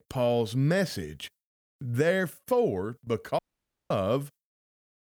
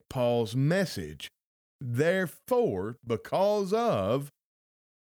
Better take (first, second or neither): second